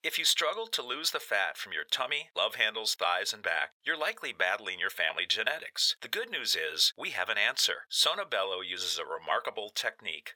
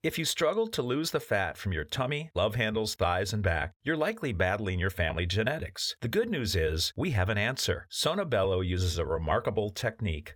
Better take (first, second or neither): second